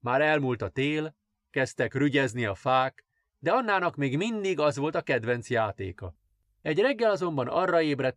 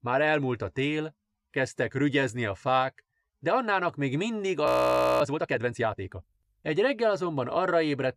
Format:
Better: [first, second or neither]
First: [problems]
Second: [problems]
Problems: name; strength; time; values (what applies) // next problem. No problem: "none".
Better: first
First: none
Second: audio freezing; at 4.5 s for 0.5 s